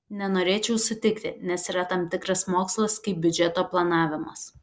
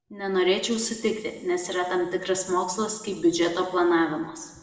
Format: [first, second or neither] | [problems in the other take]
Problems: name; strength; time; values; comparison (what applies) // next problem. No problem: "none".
first | room echo; dies away in 1.5 s